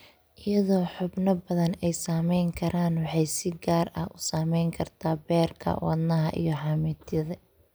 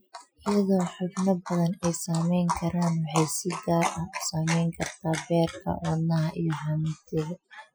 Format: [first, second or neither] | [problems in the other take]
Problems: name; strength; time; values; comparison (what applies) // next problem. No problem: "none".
first | noise reduction (classical method Wiener filter)